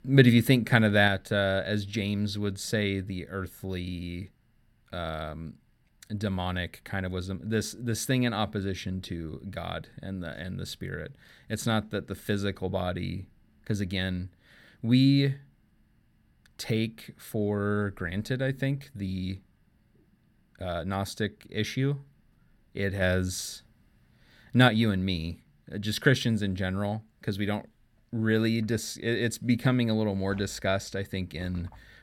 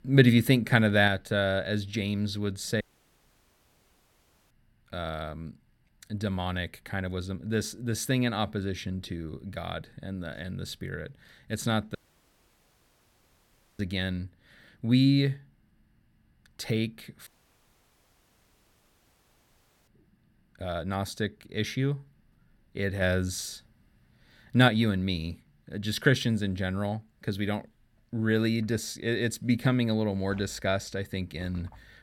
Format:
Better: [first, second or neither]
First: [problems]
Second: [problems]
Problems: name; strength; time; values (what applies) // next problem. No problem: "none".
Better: first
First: none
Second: audio cutting out; at 3 s for 1.5 s, at 12 s for 2 s and at 17 s for 2.5 s